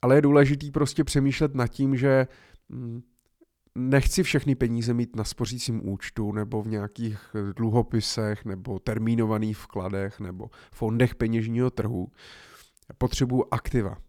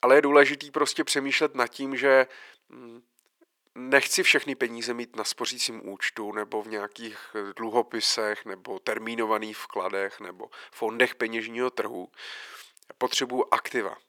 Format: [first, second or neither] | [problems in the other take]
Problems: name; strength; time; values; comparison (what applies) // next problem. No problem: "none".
first | thin; very; fading below 400 Hz